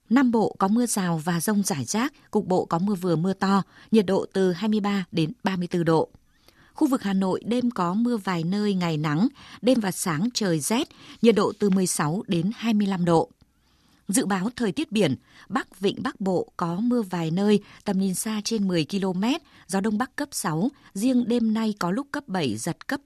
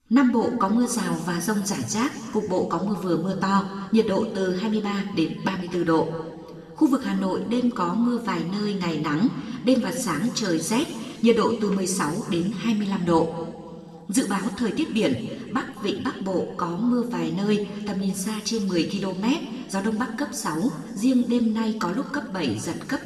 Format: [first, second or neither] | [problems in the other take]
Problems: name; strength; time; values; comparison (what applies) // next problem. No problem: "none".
first | room echo; slight; dies away in 2 s // off-mic speech; somewhat distant